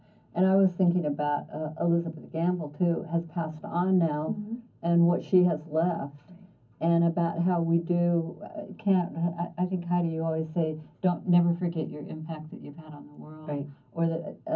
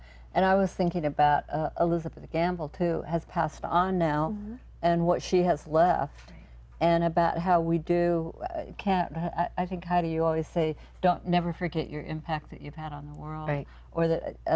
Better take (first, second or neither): second